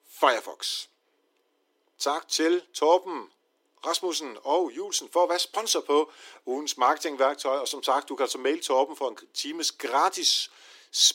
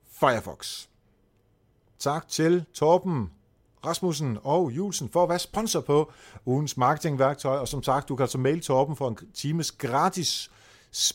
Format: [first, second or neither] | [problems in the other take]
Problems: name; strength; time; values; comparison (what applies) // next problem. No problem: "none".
second | thin; somewhat; fading below 300 Hz